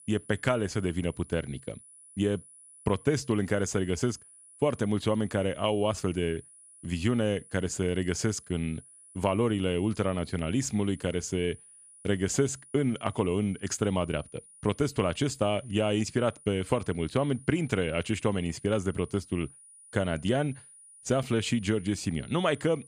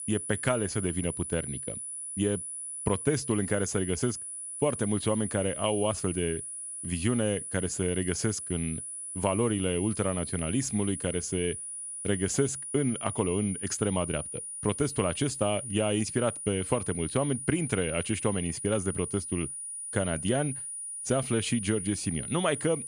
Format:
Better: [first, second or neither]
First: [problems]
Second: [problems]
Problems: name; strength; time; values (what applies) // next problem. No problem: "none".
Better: first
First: high-pitched whine; faint; throughout; 9.5 kHz, 20 dB below the speech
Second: high-pitched whine; loud; throughout; 9.5 kHz, 5 dB below the speech